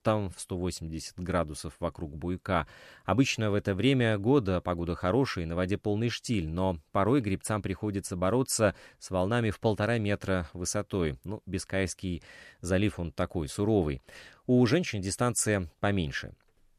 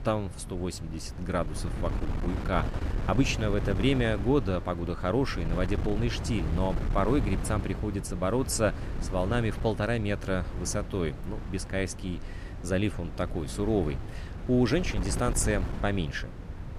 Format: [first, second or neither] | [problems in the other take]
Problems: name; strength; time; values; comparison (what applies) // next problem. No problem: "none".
first | wind noise on the microphone; occasional gusts; 10 dB below the speech